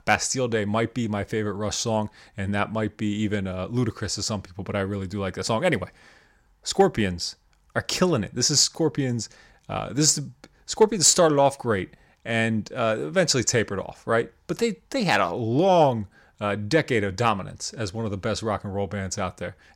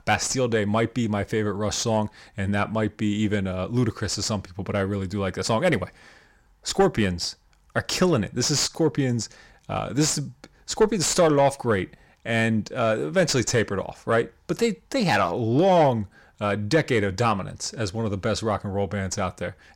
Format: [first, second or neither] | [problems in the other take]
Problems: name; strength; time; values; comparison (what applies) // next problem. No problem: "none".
first | distortion; slight; 10 dB below the speech